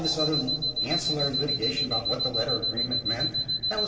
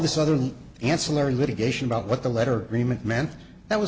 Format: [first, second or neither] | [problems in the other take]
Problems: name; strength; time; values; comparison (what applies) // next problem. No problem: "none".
second | background sound (Alarm); 3 dB above the speech // room echo; dies away in 2.7 s